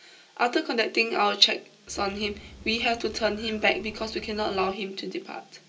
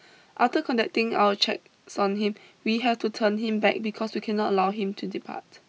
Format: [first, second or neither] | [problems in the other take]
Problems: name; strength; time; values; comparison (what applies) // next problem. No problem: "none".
second | background sound (Bird); 19 dB below the speech // room echo; dies away in 0.2 s